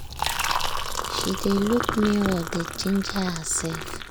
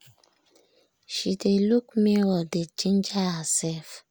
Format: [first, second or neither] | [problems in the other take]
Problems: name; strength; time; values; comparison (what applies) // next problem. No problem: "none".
second | background sound (Liquid); 2 dB below the speech